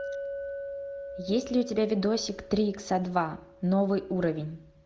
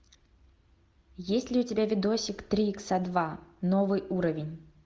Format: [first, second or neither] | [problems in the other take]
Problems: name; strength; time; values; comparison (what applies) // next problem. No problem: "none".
second | background sound (Chink, clink); 12 dB below the speech